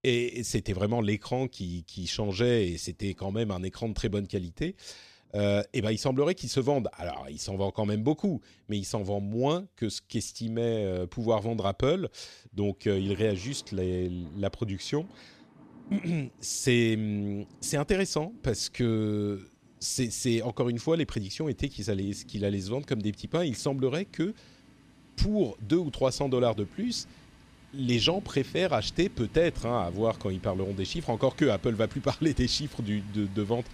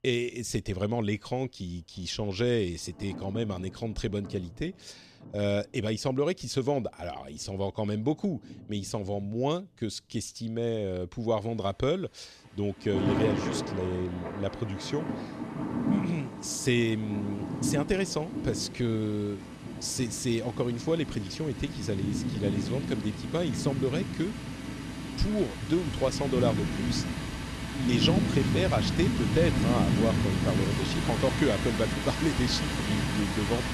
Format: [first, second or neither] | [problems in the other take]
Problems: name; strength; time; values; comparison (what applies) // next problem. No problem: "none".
first | rain or running water; loud; throughout; 1 dB below the speech; faint in the first